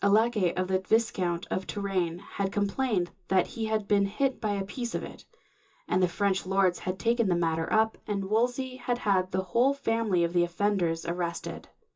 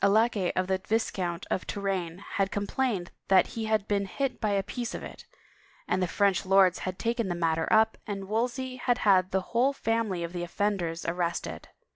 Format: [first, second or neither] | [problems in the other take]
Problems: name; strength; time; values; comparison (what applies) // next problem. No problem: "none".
second | room echo; dies away in 0.2 s